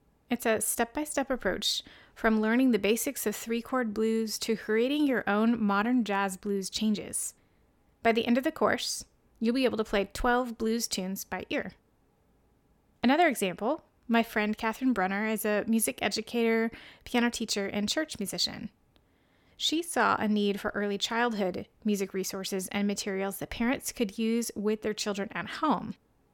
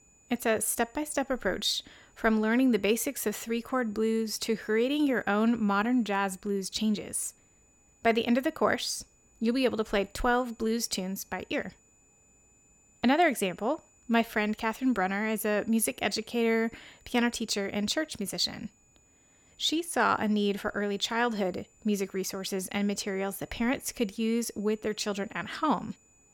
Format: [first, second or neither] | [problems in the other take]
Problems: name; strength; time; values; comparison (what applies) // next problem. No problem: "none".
first | high-pitched whine; faint; throughout; 7 kHz, 30 dB below the speech